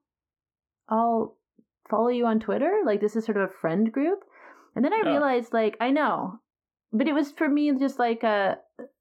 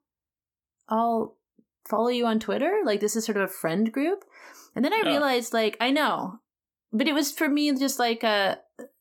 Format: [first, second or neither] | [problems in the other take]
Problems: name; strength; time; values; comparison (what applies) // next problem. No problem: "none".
second | muffled; very; fading above 3.5 kHz